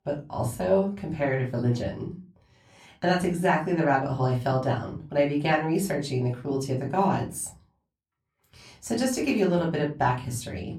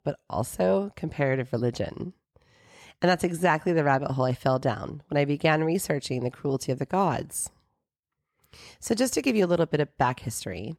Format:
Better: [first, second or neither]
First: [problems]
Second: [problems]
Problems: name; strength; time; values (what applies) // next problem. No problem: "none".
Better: second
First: off-mic speech; far // room echo; very slight; dies away in 0.3 s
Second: none